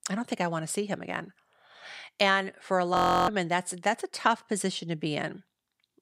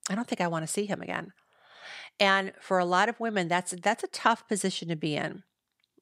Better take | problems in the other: second | audio freezing; at 3 s

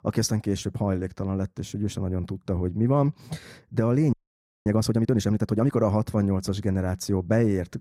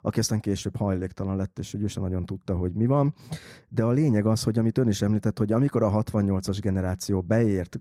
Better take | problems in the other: second | audio freezing; at 4 s for 0.5 s

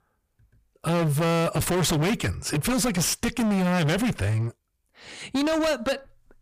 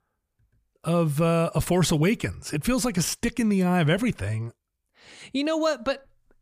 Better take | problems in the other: second | distortion; heavy; 28% of the sound clipped

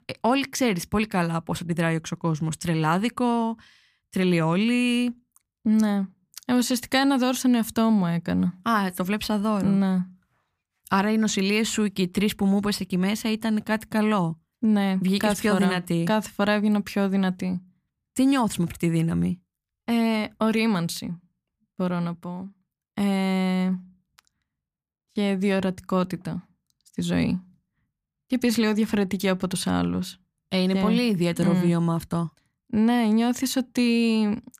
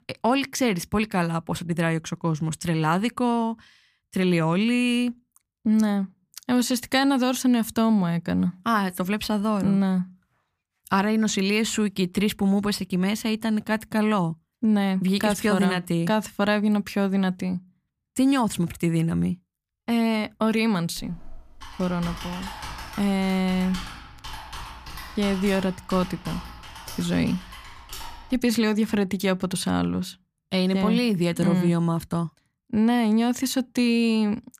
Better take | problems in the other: first | keyboard typing; faint; from 21 to 28 s; peak 10 dB below the speech

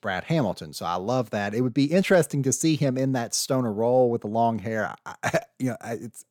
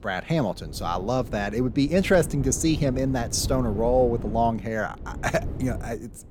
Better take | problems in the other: first | wind noise on the microphone; occasional gusts; 15 dB below the speech

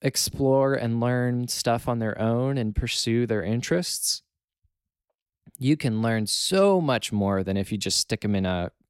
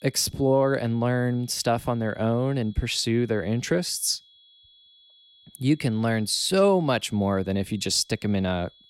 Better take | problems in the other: first | high-pitched whine; faint; throughout; 3.5 kHz, 30 dB below the speech

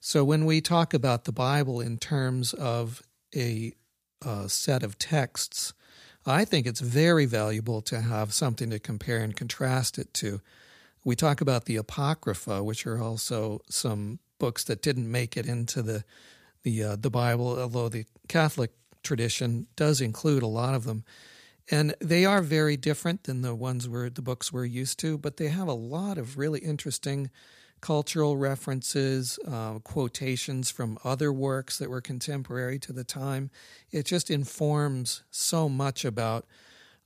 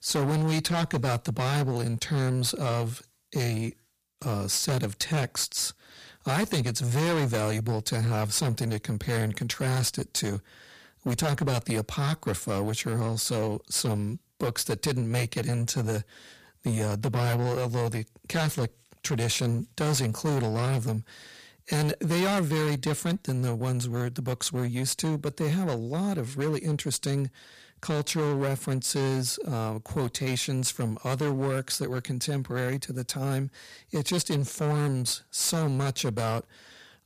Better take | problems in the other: first | distortion; heavy; 14% of the sound clipped

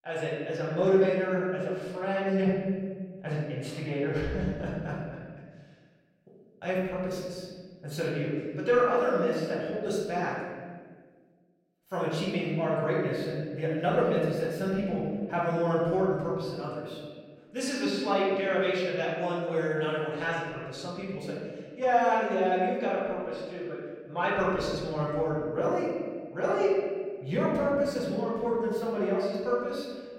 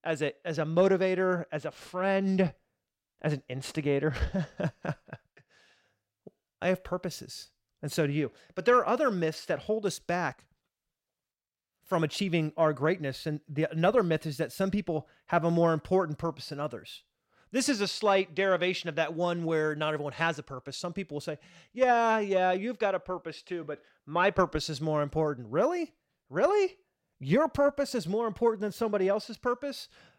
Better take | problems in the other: second | room echo; noticeable; dies away in 1.6 s // off-mic speech; far

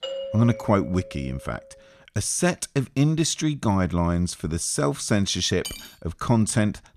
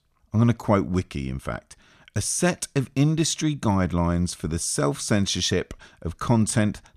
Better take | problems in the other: second | doorbell; noticeable; until 1.5 s; peak 8 dB below the speech // clattering dishes; faint; at 5.5 s; peak 10 dB below the speech

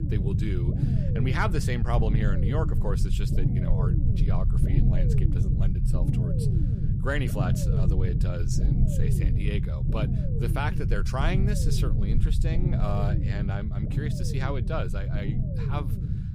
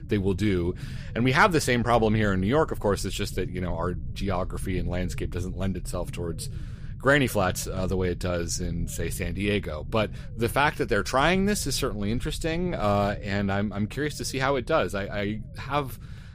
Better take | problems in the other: second | low rumble; loud; throughout; 3 dB below the speech; faint in the second

